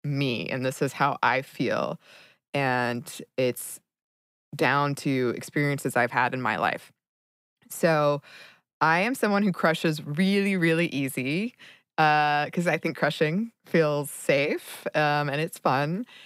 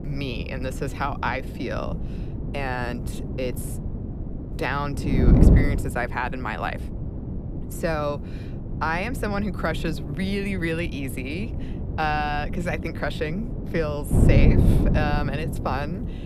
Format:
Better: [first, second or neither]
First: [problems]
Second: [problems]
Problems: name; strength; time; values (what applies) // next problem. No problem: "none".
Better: first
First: none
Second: wind noise on the microphone; heavy; 7 dB below the speech